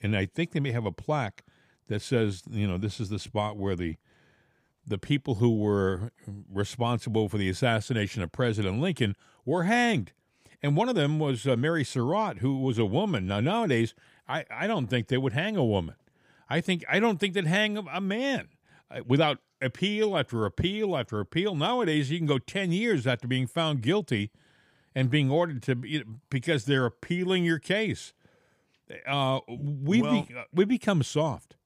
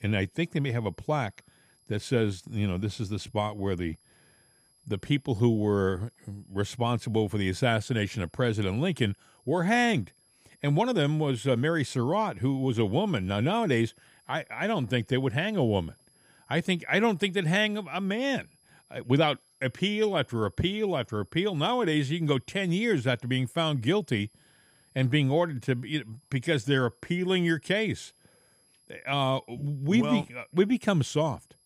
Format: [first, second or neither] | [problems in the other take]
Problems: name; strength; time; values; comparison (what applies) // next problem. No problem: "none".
first | high-pitched whine; faint; throughout; 11 kHz, 35 dB below the speech